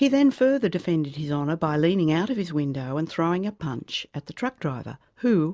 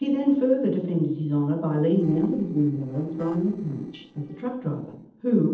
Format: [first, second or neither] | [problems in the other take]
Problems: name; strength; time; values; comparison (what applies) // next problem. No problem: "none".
first | noise reduction (neural separator model SepFormer DNS4)